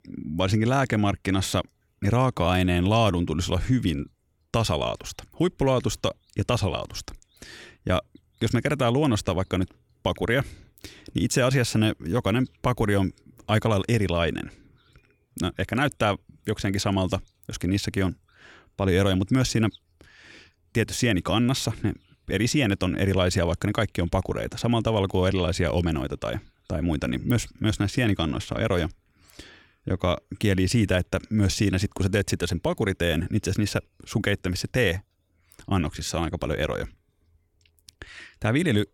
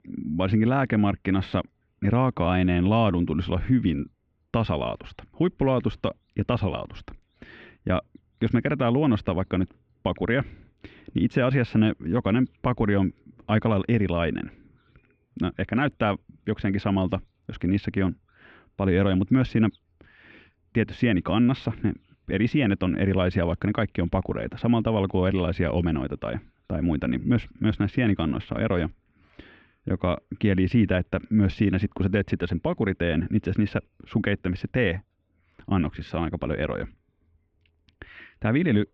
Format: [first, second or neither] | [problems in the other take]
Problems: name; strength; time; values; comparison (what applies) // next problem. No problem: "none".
first | muffled; very; fading above 3 kHz